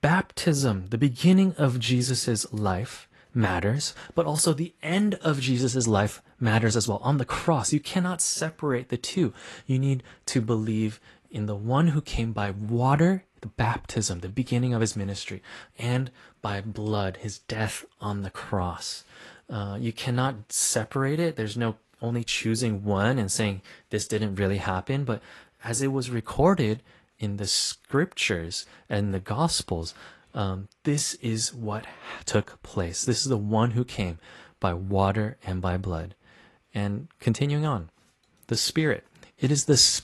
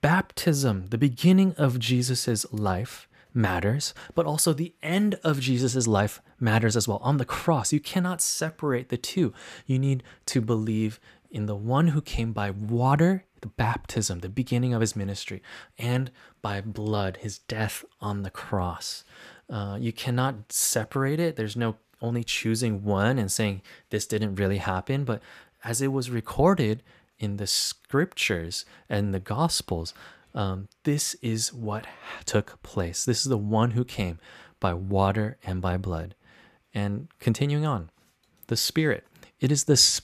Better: second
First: garbled, watery; slightly; nothing above 11 kHz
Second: none

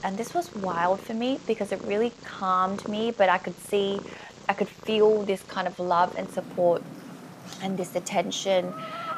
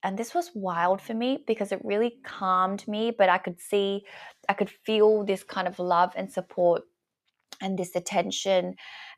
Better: second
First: animal sounds; noticeable; throughout; 15 dB below the speech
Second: none

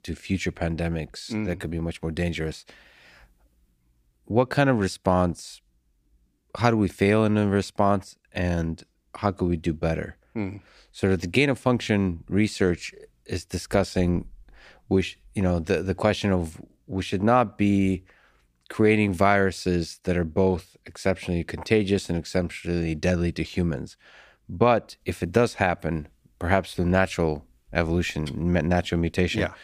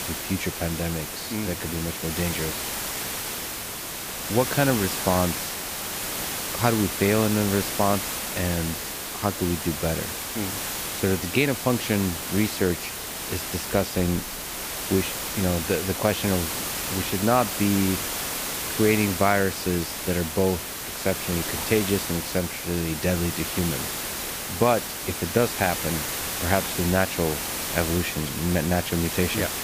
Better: first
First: none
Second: hiss; loud; throughout; 3 dB below the speech

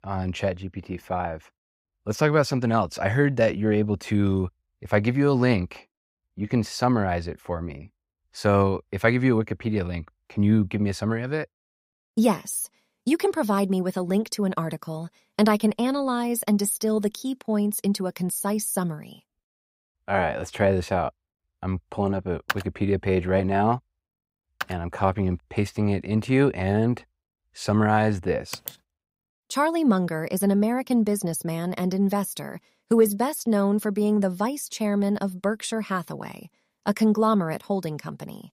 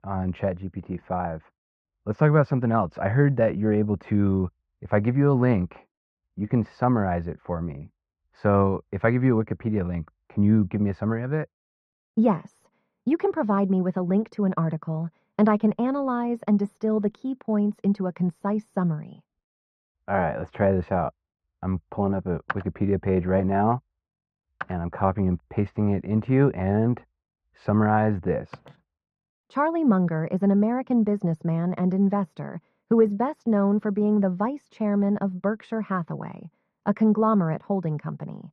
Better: first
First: none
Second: muffled; very; fading above 1.5 kHz

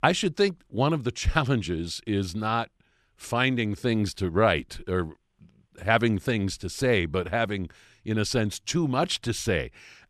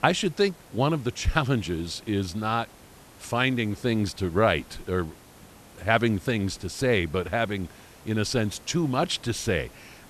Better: first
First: none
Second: hiss; faint; throughout; 25 dB below the speech

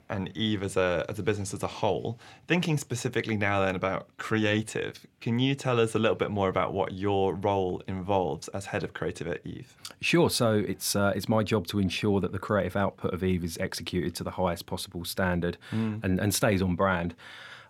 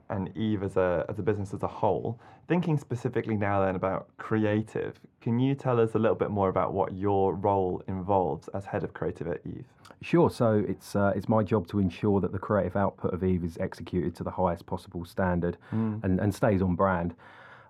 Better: first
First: none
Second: muffled; very; fading above 2 kHz

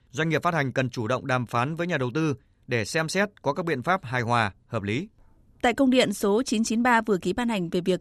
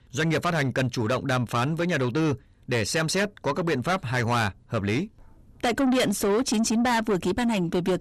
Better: first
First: none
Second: distortion; heavy; 7 dB below the speech

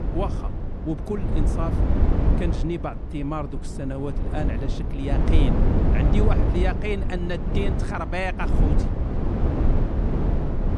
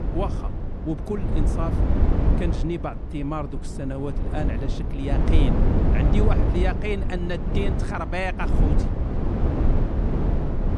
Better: neither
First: wind noise on the microphone; heavy; 2 dB below the speech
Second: wind noise on the microphone; heavy; 2 dB below the speech

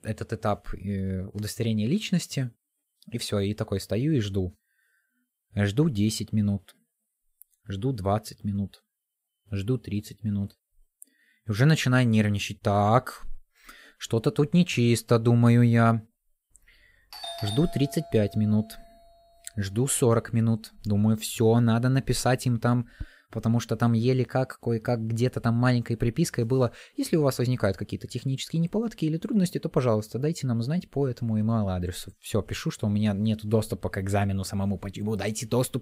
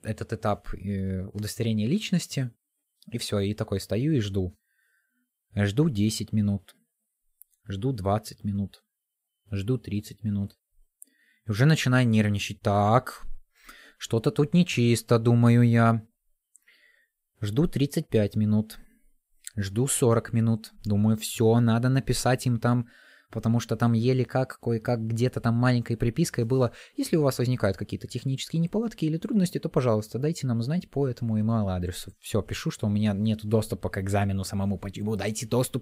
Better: second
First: doorbell; noticeable; from 17 to 23 s; peak 8 dB below the speech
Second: none

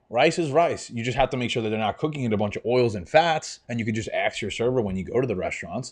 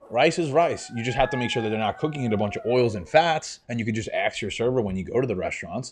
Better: first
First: none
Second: dog barking; noticeable; until 3.5 s; peak 9 dB below the speech

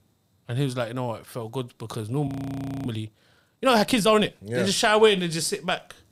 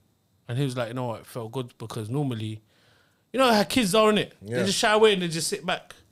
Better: second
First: audio freezing; at 2.5 s for 0.5 s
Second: none

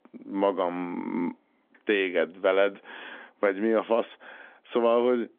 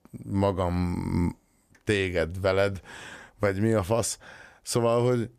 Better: second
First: phone-call audio; nothing above 3.5 kHz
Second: none

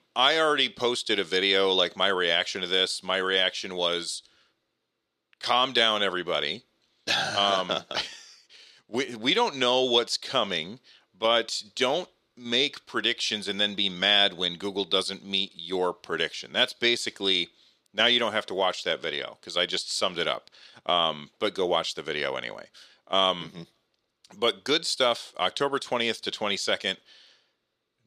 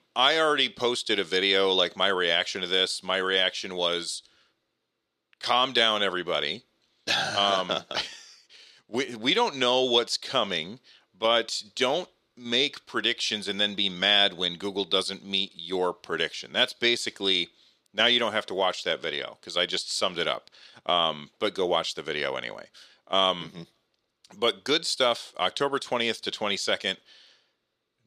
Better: neither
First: thin; somewhat; fading below 350 Hz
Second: thin; somewhat; fading below 350 Hz

